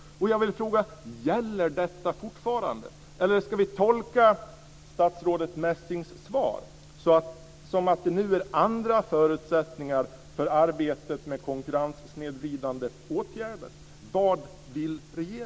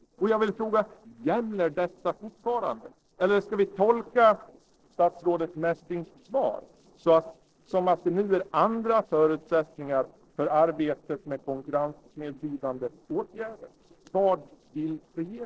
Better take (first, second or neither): first